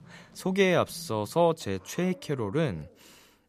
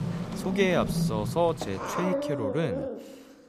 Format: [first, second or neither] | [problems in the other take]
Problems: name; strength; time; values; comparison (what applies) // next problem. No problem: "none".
first | animal sounds; loud; throughout; 3 dB below the speech; faint in the first